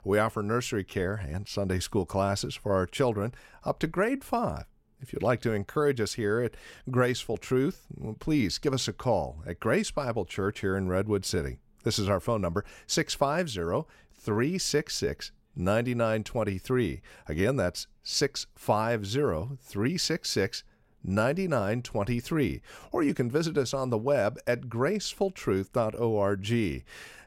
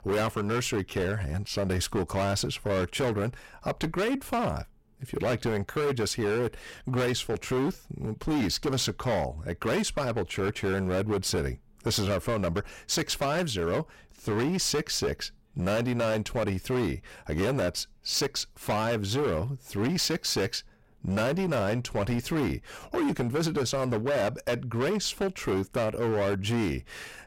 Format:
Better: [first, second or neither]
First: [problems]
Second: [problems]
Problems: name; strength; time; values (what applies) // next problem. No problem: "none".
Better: first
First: none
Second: distortion; heavy; 19% of the sound clipped